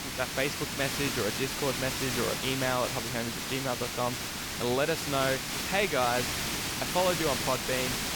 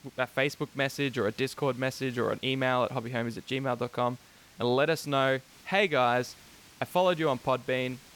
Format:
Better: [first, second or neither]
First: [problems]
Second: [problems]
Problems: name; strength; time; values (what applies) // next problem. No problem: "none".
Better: second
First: hiss; loud; throughout; 1 dB below the speech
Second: hiss; faint; throughout; 25 dB below the speech